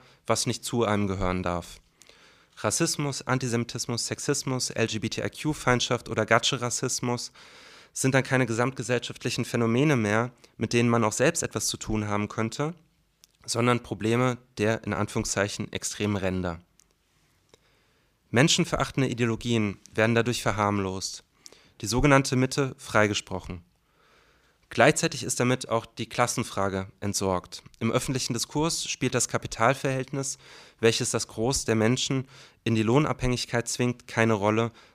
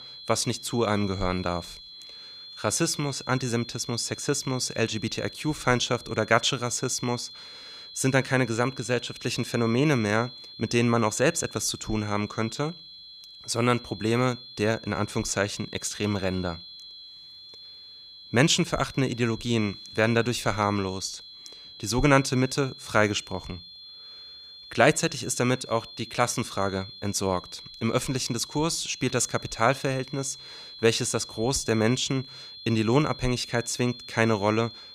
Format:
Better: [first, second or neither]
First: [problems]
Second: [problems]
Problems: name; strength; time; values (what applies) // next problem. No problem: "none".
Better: first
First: none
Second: high-pitched whine; noticeable; throughout; 4 kHz, 15 dB below the speech